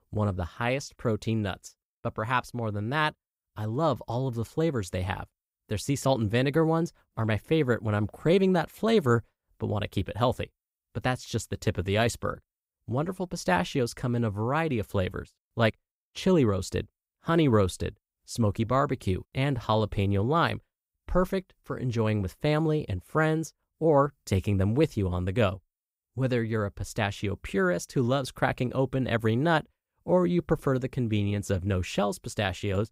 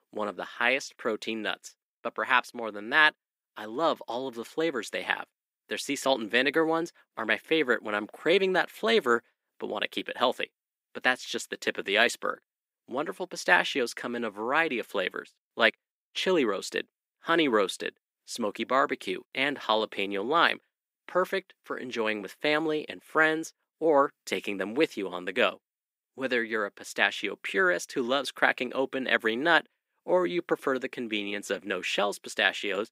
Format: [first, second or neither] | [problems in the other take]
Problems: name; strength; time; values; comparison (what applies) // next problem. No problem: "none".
first | thin; somewhat; fading below 250 Hz